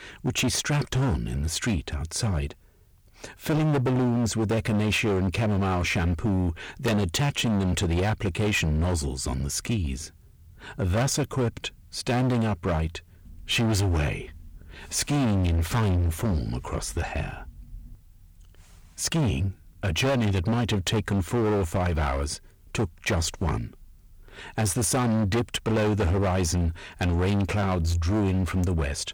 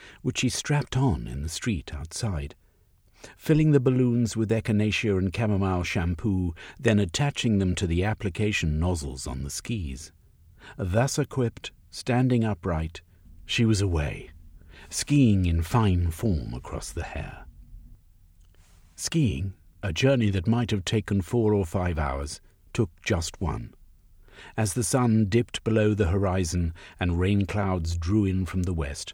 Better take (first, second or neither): second